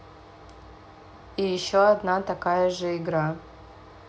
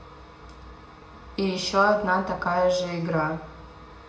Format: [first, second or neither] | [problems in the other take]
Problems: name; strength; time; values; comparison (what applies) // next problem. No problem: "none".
first | room echo; dies away in 0.8 s